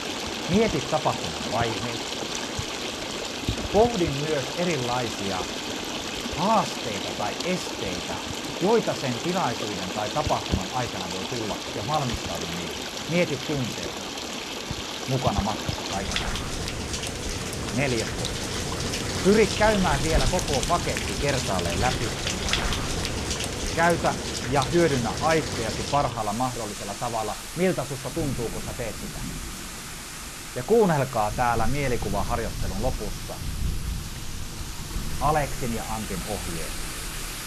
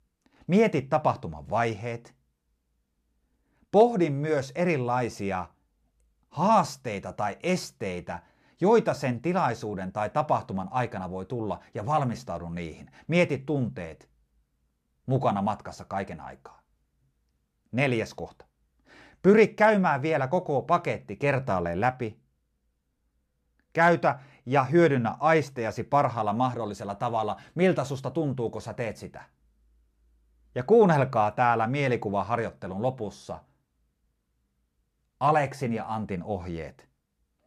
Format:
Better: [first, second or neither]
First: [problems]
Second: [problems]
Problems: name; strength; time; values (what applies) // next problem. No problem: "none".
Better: second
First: rain or running water; loud; throughout; 3 dB below the speech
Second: none